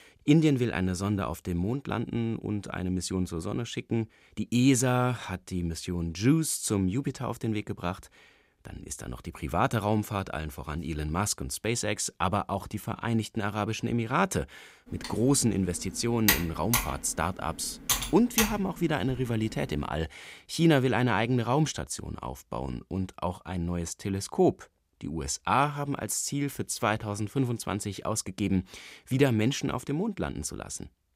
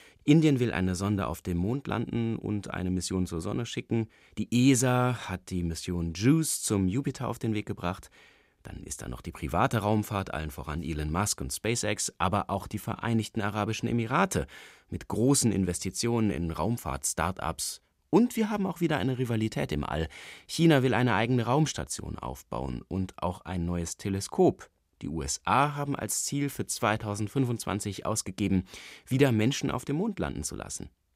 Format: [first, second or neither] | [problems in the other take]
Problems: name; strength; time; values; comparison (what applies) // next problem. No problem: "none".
second | keyboard typing; loud; from 15 to 19 s; peak 4 dB above the speech